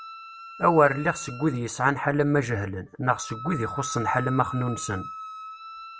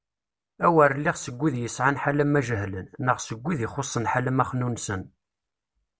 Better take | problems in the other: second | background sound (Wind instrument, woodwind instrument); 13 dB below the speech

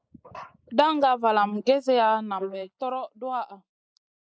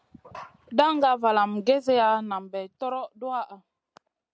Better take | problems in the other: second | noise reduction (neural mask model Resemble Enhance denoiser)

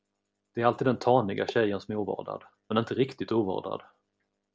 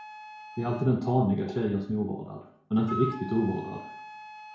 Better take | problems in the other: first | background sound (Wind instrument, woodwind instrument); 14 dB below the speech // room echo; dies away in 0.5 s

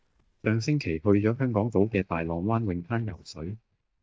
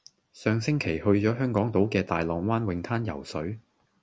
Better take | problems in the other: second | noise reduction (neural mask model DeepFilterNet 3)

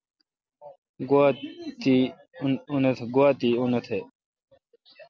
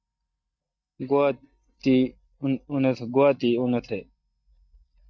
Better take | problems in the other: first | noise reduction (neural mask model DeepFilterNet 3)

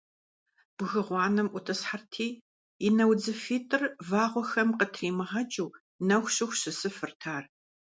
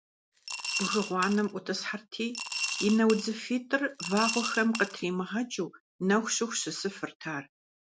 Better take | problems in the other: first | background sound (Coin (dropping) / Glass); 6 dB below the speech

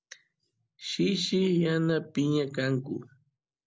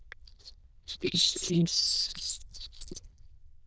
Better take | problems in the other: first | noise reduction (neural diffusion model UNIVERSE++)

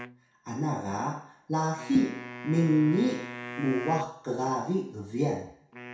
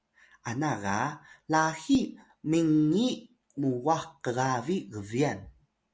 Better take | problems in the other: second | background sound (Wind instrument, woodwind instrument); 14 dB below the speech // room echo; dies away in 0.6 s

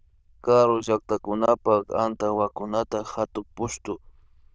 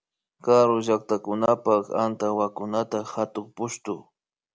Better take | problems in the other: second | noise reduction (neural diffusion model UNIVERSE++)

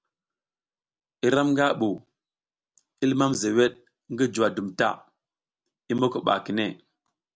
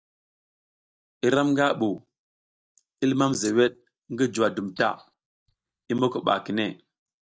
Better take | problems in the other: first | noise reduction (neural mask model DeepFilterNet 3)

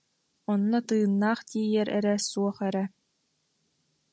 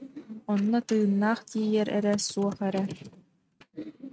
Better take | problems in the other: first | noise reduction (neural mask model RNNoise)

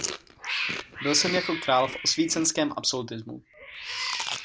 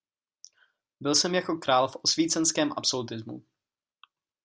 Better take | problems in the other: second | background sound (Cat + Chewing, mastication); 6 dB below the speech

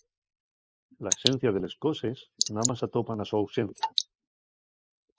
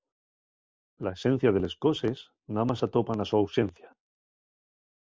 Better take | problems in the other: second | noise reduction (neural mask model Resemble Enhance denoiser)

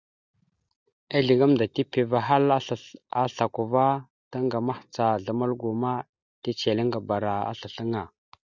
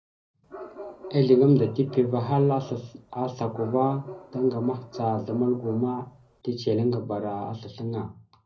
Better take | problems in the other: first | background sound (Bark); 17 dB below the speech // room echo; dies away in 0.4 s

